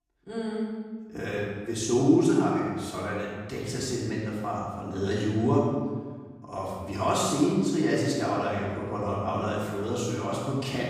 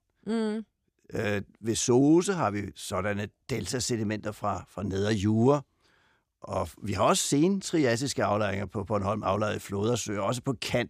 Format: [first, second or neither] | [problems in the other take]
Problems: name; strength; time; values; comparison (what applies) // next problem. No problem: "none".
second | off-mic speech; far // room echo; strong; dies away in 1.3 s